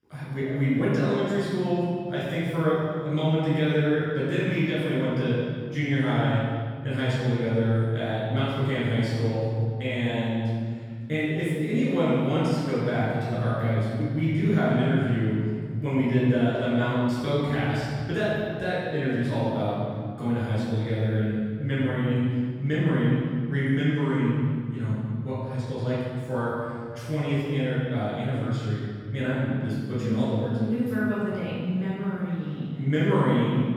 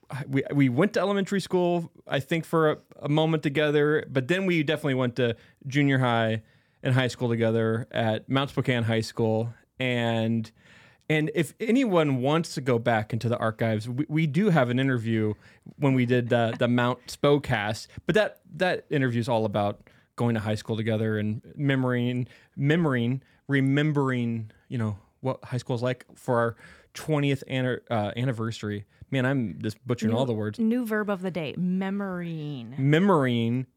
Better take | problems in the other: second | room echo; strong; dies away in 2.5 s // off-mic speech; far

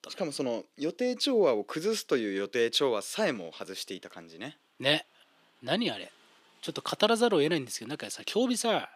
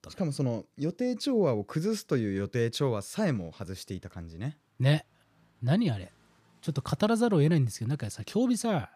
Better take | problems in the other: second | thin; somewhat; fading below 300 Hz

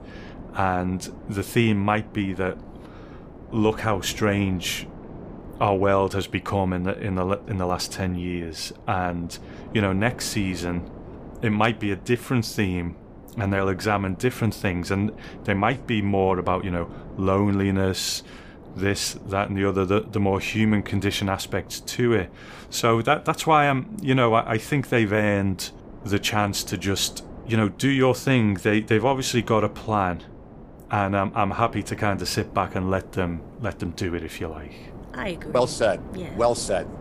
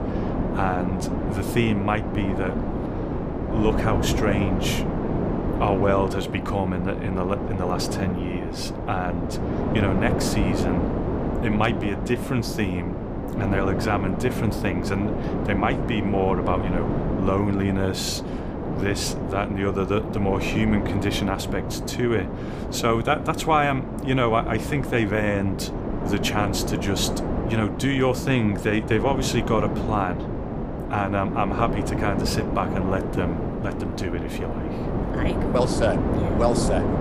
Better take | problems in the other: first | wind noise on the microphone; heavy; 4 dB below the speech; occasional gusts in the first

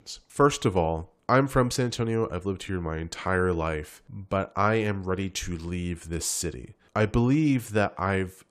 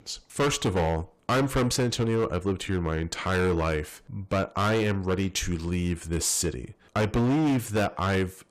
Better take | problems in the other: first | distortion; heavy; 13% of the sound clipped

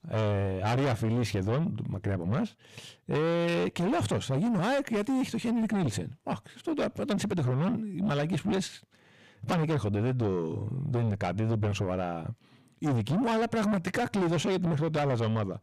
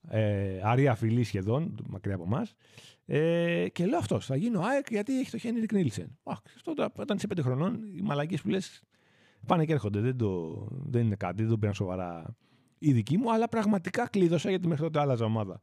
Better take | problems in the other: second | distortion; heavy; 7 dB below the speech

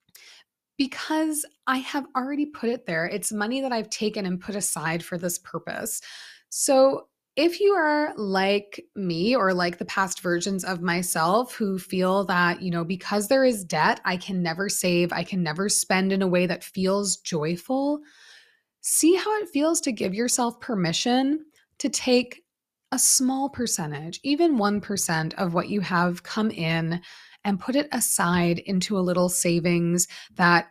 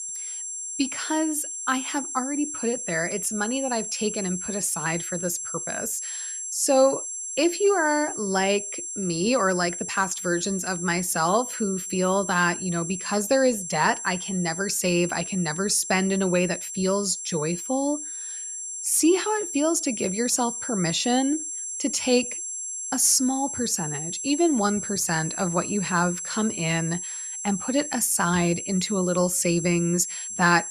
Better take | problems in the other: first | high-pitched whine; loud; throughout; 7.5 kHz, 6 dB below the speech

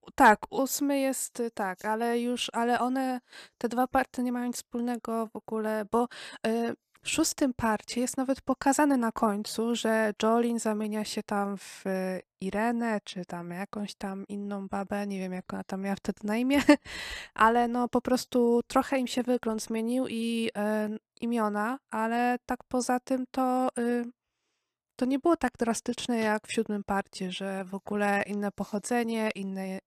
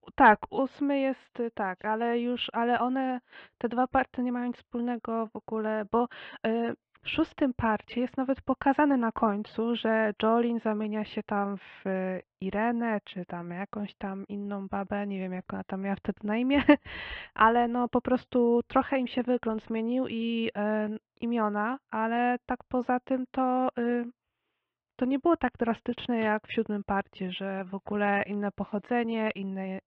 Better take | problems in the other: first | muffled; very; fading above 3 kHz

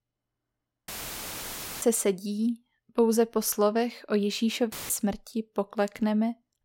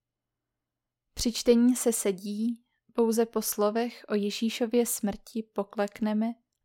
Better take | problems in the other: second | audio cutting out; filled with static; at 1 s for 1 s and at 4.5 s

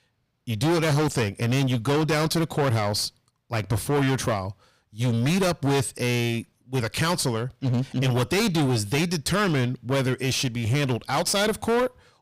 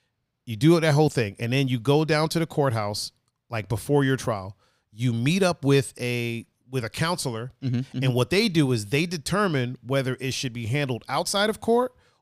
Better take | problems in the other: second | distortion; heavy; 21% of the sound clipped

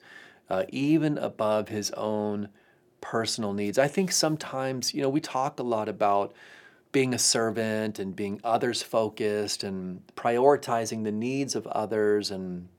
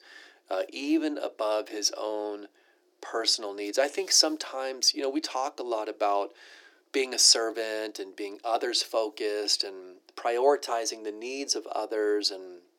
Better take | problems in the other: first | thin; somewhat; fading below 300 Hz

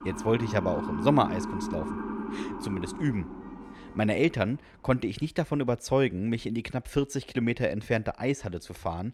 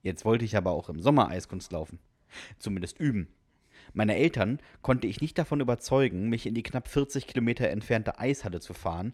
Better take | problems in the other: second | siren; noticeable; until 4 s; peak 3 dB below the speech

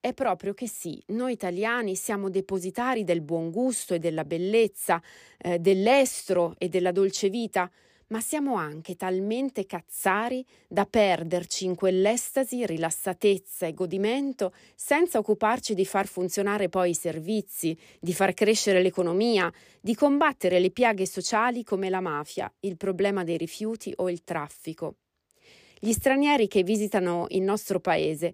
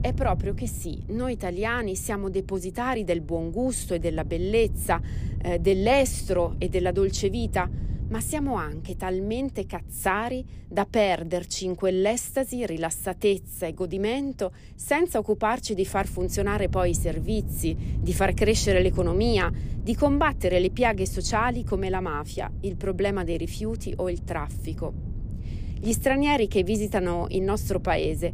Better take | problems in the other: first | wind noise on the microphone; occasional gusts; 20 dB below the speech

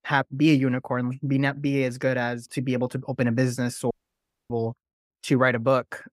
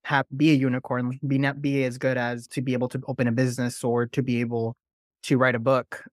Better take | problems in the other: second | audio cutting out; at 4 s for 0.5 s

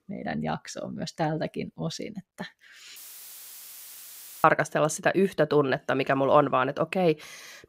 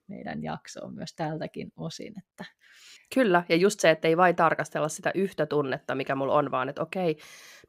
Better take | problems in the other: second | audio cutting out; filled with static; at 3 s for 1.5 s

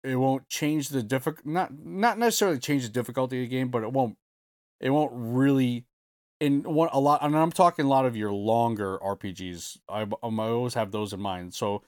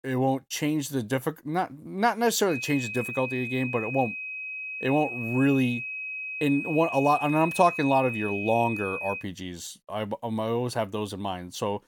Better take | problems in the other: first | high-pitched whine; loud; from 2.5 to 9 s; 2.5 kHz, 6 dB below the speech

